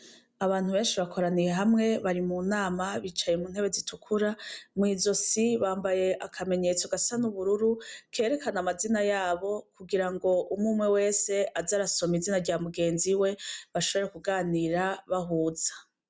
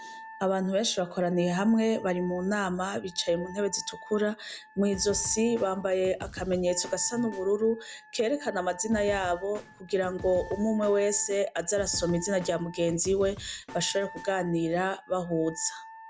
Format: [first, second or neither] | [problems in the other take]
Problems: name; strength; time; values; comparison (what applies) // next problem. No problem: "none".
first | background sound (Snare drum / Drum kit + Wind instrument, woodwind instrument); 16 dB below the speech